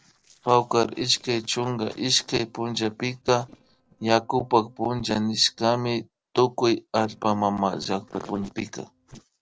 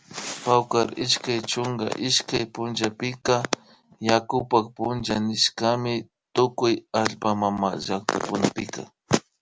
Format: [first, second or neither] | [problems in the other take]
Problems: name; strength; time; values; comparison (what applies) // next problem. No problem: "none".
second | noise reduction (neural separator model SepFormer DNS4)